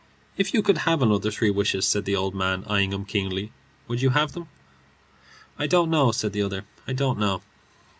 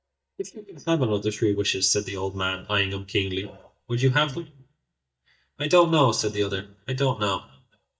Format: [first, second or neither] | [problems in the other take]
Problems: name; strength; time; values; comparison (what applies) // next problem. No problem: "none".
first | noise reduction (neural mask model DeepFilterNet 3)